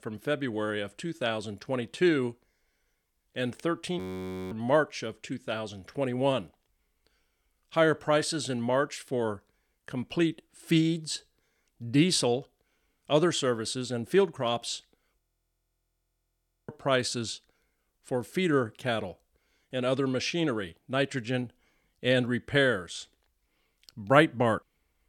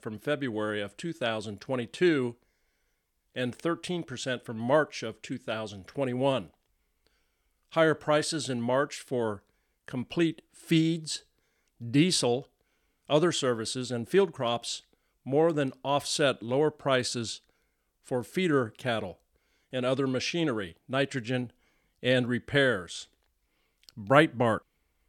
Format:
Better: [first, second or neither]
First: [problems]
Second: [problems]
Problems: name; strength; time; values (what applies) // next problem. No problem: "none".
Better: second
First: audio freezing; at 4 s for 0.5 s and at 15 s for 1.5 s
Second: none